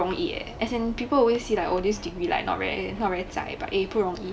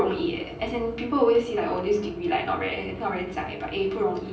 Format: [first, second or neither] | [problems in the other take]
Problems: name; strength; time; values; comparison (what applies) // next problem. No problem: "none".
first | room echo; dies away in 0.6 s